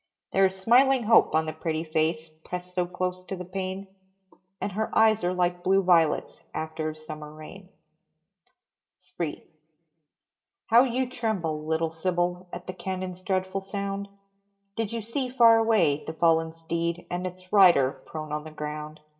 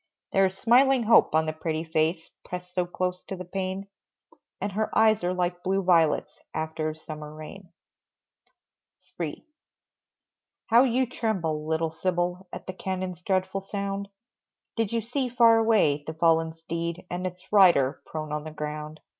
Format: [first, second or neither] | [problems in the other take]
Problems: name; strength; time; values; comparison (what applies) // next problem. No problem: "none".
second | room echo; dies away in 0.2 s